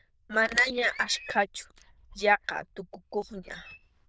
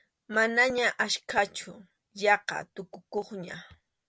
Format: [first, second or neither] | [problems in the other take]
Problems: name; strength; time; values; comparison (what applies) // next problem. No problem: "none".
second | noise reduction (neural diffusion model UNIVERSE++)